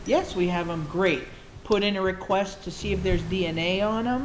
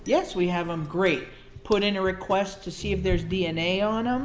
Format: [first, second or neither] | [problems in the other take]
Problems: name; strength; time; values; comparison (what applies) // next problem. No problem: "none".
second | background sound (Waves, surf); 18 dB below the speech